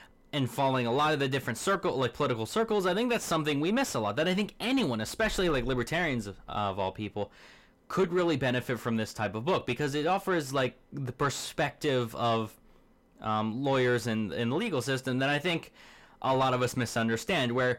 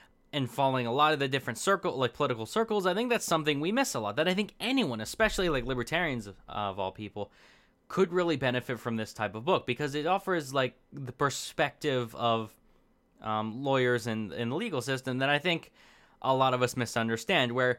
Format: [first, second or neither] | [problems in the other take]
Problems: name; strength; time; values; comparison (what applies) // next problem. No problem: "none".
second | distortion; slight; 10 dB below the speech